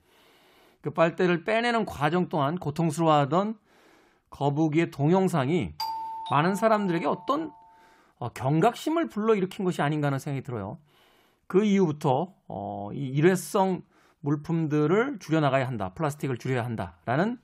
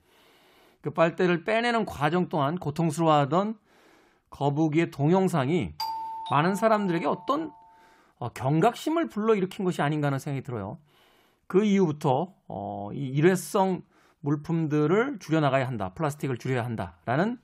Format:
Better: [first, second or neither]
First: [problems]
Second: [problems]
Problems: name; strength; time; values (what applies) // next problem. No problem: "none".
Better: neither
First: doorbell; noticeable; from 6 to 7.5 s; peak 6 dB below the speech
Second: doorbell; noticeable; from 6 to 7.5 s; peak 6 dB below the speech